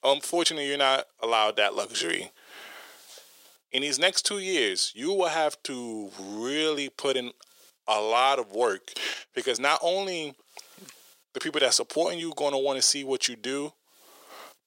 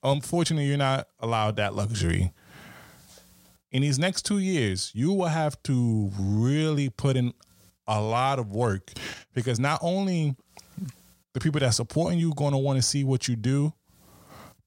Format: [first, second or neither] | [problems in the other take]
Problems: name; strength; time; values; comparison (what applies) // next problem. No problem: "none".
second | thin; very; fading below 400 Hz